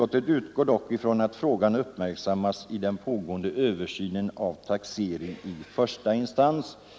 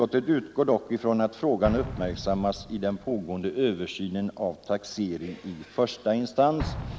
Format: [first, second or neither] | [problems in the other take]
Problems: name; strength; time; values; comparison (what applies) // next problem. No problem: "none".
first | background sound (Explosion); 13 dB below the speech